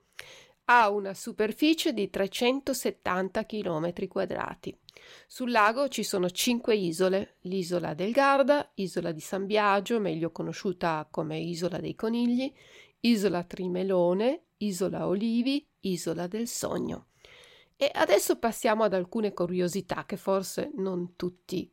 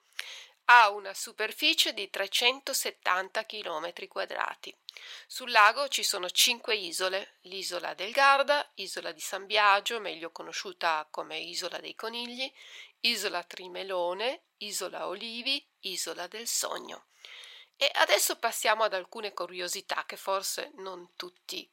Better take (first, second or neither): first